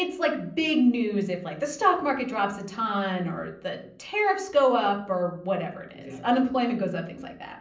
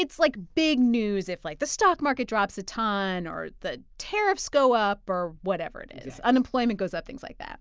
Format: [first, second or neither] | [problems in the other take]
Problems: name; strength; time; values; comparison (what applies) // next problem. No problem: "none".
second | room echo; dies away in 0.6 s